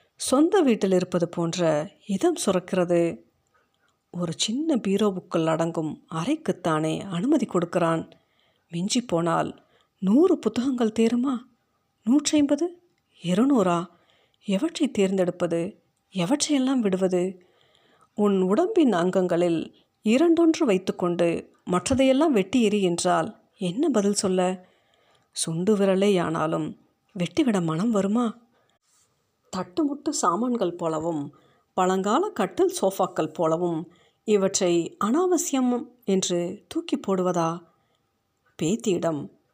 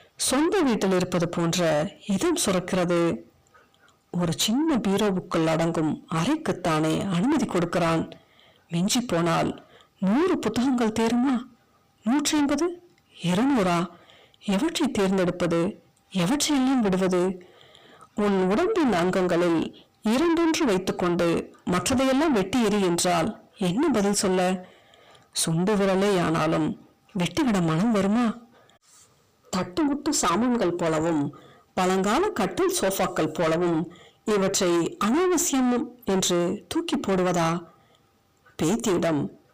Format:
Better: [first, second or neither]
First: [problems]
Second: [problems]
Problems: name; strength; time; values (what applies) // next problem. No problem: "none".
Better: first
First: none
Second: distortion; heavy; 6 dB below the speech